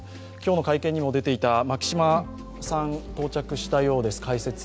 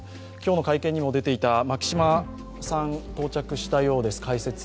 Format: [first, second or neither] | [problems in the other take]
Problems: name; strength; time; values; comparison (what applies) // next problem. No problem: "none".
first | background sound (Whoosh, swoosh, swish); 17 dB below the speech